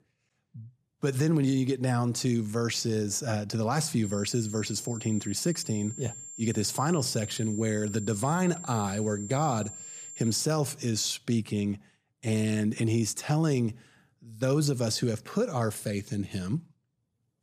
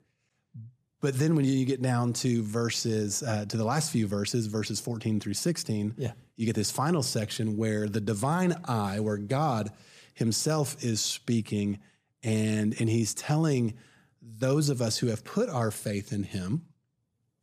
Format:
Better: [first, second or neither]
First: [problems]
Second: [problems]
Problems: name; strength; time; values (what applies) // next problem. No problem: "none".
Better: second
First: high-pitched whine; noticeable; from 4 to 10 s; 7.5 kHz, 10 dB below the speech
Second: none